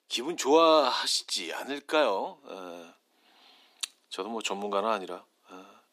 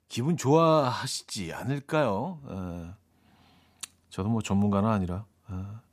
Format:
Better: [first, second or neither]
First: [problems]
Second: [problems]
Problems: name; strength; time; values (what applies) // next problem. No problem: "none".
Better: second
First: thin; very; fading below 300 Hz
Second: none